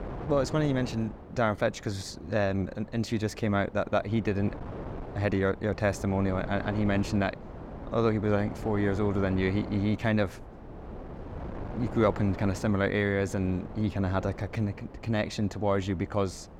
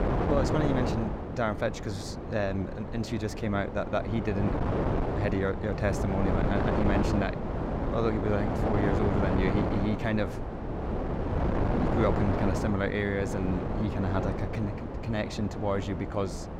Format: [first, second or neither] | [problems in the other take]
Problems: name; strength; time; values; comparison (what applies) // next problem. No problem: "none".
first | wind noise on the microphone; heavy; 1 dB below the speech; occasional gusts in the first